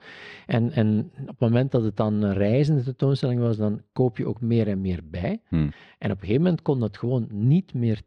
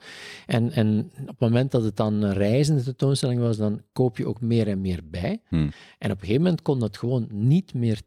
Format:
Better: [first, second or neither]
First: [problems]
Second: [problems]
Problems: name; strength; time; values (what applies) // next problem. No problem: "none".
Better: second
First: muffled; slightly; fading above 3 kHz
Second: none